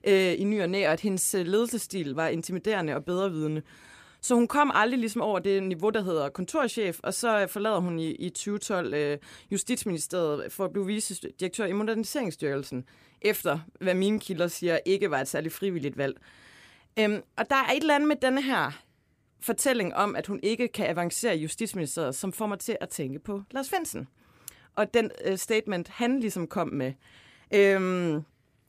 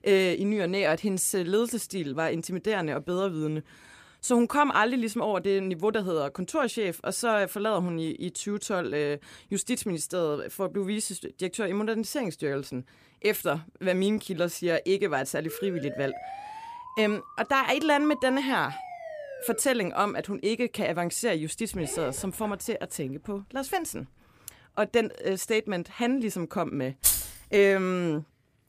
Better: first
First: none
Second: siren; faint; from 15 to 20 s; peak 10 dB below the speech // dog barking; faint; from 22 to 24 s; peak 10 dB below the speech // jangling keys; loud; at 27 s; peak 5 dB above the speech

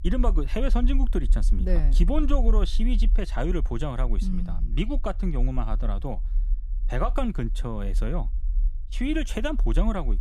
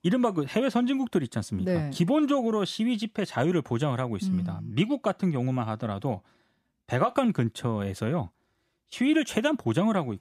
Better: second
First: low rumble; faint; throughout; 20 dB below the speech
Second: none

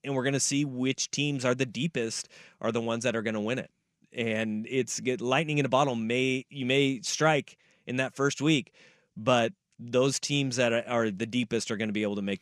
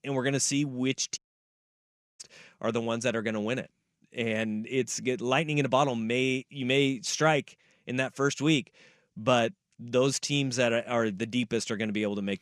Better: first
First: none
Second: audio cutting out; at 1 s for 1 s

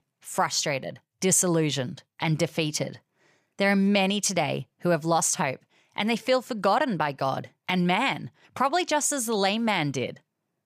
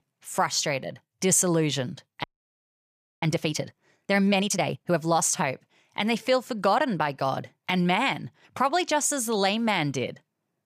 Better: first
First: none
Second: audio freezing; at 2 s for 1 s

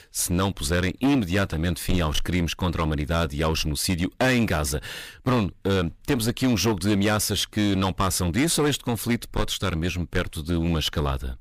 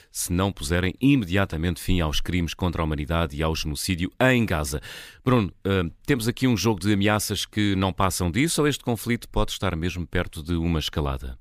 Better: second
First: distortion; heavy; 12% of the sound clipped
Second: none

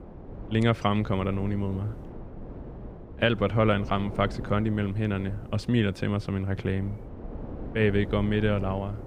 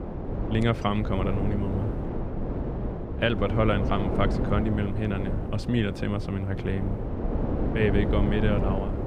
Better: first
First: wind noise on the microphone; occasional gusts; 15 dB below the speech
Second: wind noise on the microphone; heavy; 5 dB below the speech

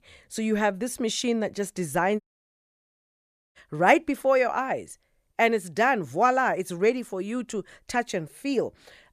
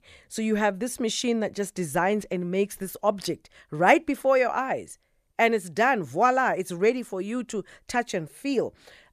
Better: second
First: audio cutting out; at 2 s for 1.5 s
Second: none

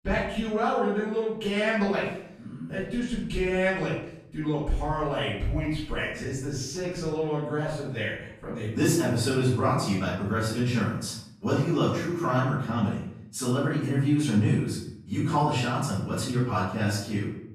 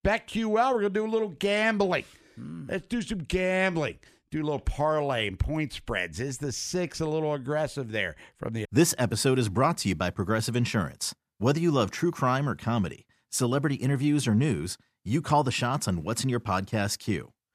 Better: second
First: off-mic speech; far // room echo; noticeable; dies away in 0.6 s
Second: none

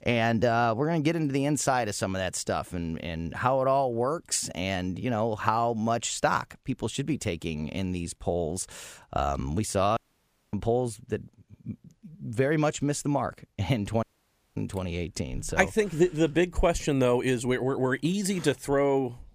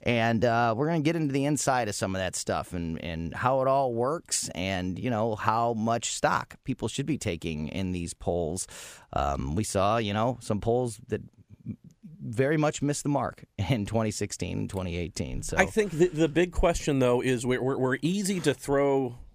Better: second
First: audio cutting out; at 10 s for 0.5 s and at 14 s for 0.5 s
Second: none

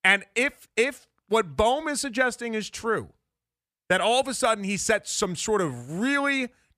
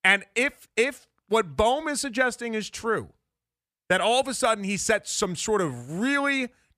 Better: neither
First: none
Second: none

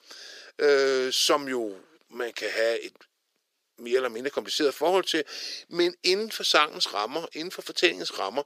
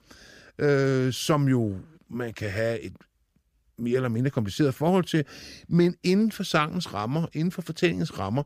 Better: second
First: thin; very; fading below 400 Hz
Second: none

